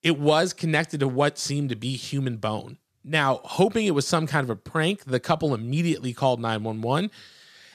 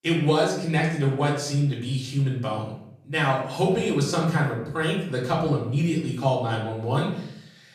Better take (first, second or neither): first